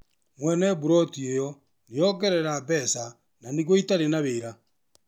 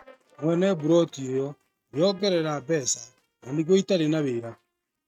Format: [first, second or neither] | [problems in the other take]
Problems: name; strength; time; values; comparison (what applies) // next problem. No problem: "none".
first | noise reduction (neural mask model RNNoise)